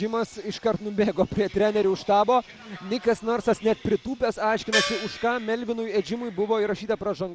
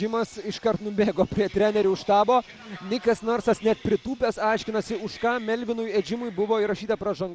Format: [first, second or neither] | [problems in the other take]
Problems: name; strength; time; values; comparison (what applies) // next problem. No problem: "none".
second | background sound (Gong); 3 dB below the speech